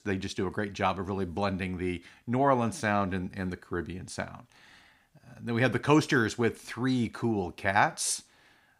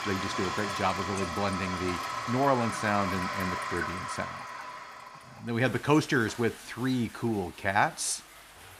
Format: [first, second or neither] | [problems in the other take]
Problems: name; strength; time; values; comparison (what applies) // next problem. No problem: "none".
first | household noises; loud; throughout; 5 dB below the speech